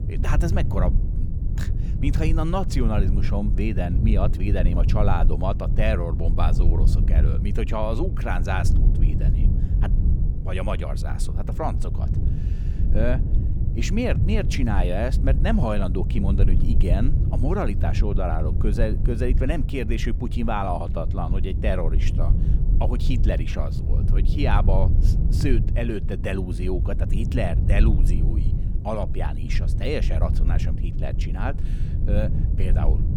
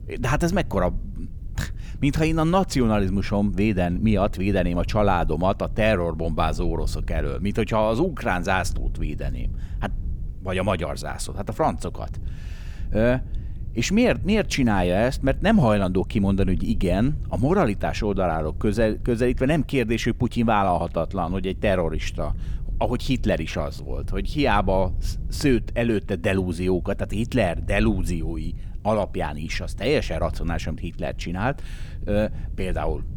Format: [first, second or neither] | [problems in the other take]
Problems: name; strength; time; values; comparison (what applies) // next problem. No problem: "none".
second | low rumble; loud; throughout; 9 dB below the speech; faint in the second